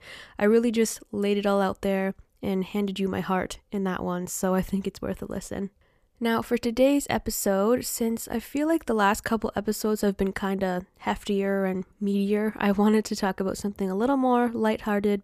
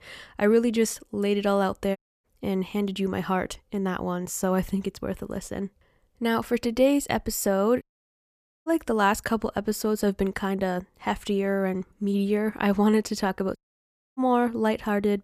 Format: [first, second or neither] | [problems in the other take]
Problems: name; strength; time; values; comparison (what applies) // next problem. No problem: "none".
first | audio cutting out; at 2 s, at 8 s for 1 s and at 14 s for 0.5 s